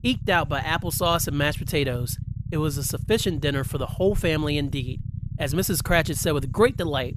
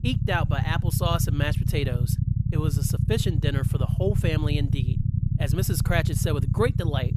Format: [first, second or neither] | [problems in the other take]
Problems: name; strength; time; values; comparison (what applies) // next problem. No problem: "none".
first | low rumble; loud; throughout; 7 dB below the speech; faint in the first